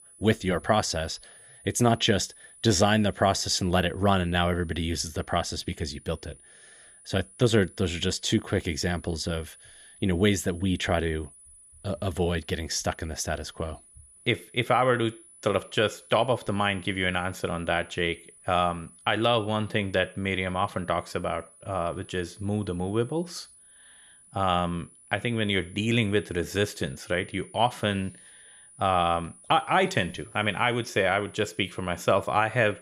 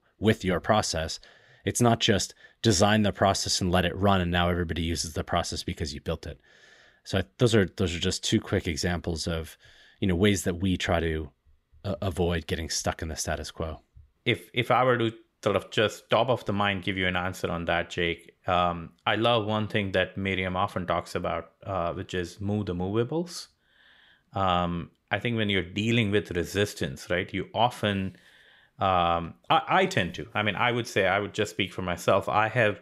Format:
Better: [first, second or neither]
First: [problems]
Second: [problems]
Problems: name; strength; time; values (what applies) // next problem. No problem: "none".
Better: second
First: high-pitched whine; faint; throughout; 10 kHz, 25 dB below the speech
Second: none